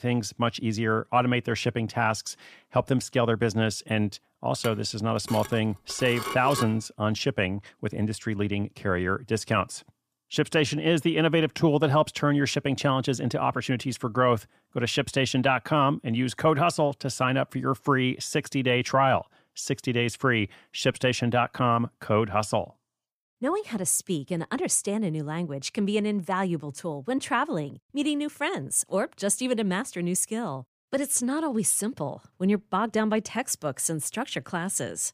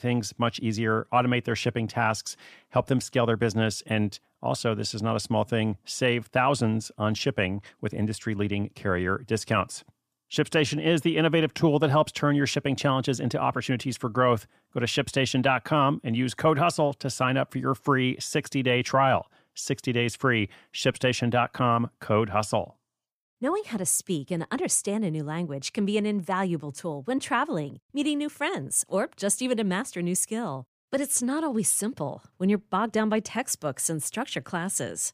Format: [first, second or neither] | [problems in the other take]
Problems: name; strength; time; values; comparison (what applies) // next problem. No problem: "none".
second | clattering dishes; noticeable; from 4.5 to 6.5 s; peak 6 dB below the speech